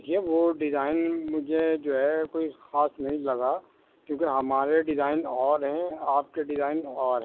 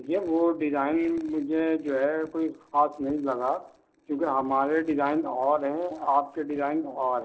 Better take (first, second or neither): first